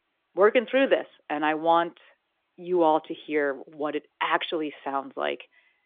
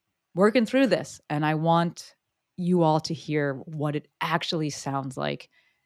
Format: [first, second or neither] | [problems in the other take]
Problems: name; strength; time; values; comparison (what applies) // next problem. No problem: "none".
second | phone-call audio; nothing above 3.5 kHz